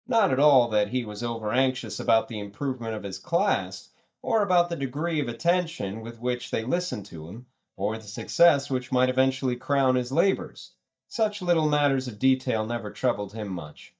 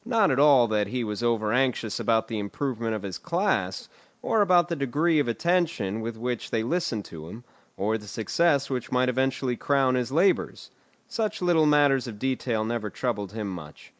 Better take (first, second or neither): second